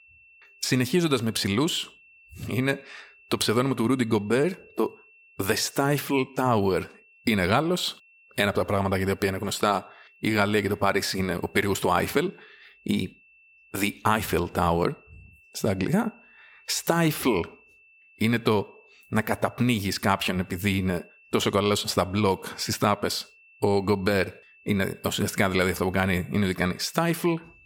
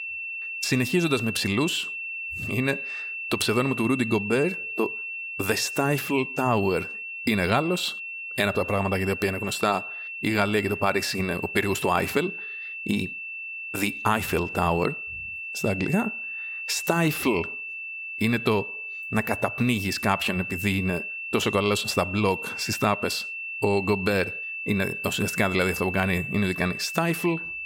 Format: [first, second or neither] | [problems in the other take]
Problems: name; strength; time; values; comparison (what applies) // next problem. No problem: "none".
first | high-pitched whine; loud; throughout; 2.5 kHz, 6 dB below the speech; faint in the first